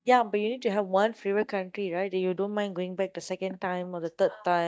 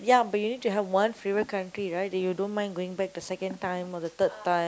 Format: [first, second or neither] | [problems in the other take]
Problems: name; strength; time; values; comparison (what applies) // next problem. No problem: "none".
second | noise reduction (neural mask model DeepFilterNet 3)